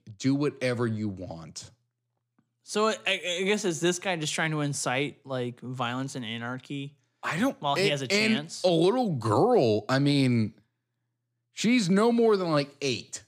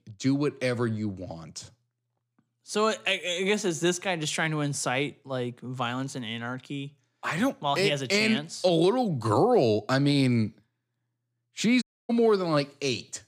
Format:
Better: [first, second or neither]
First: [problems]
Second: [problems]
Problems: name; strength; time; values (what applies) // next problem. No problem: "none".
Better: first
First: none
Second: audio cutting out; at 12 s